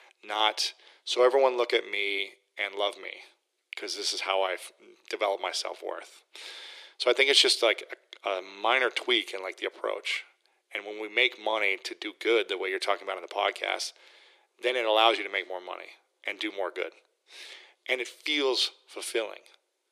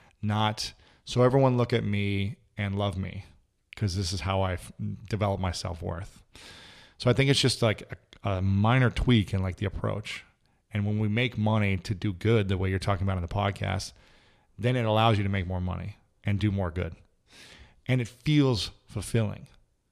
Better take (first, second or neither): second